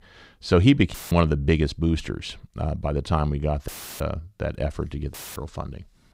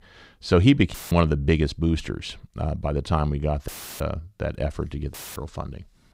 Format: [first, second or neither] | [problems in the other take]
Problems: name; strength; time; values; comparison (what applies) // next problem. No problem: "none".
neither | audio cutting out; filled with static; at 1 s, at 3.5 s and at 5 s; the same in both